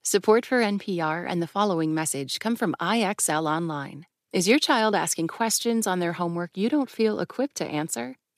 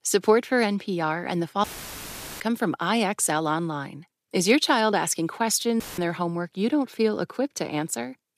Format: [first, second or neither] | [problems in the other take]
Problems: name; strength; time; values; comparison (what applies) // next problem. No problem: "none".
first | audio cutting out; filled with static; at 1.5 s for 1 s and at 6 s